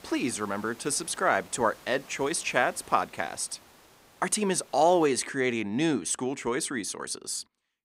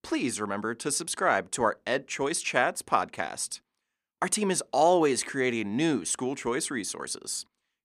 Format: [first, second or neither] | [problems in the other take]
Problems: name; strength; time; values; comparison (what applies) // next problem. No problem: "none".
second | hiss; faint; until 5 s; 25 dB below the speech